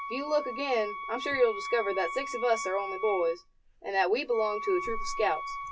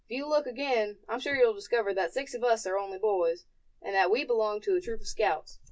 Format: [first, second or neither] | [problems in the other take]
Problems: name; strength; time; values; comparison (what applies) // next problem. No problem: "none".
second | background sound (Wind instrument, woodwind instrument); 8 dB below the speech